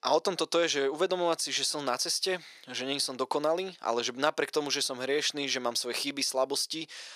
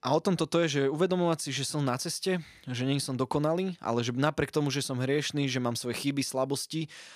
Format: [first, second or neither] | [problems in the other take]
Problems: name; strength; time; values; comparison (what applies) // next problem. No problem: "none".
second | thin; somewhat; fading below 500 Hz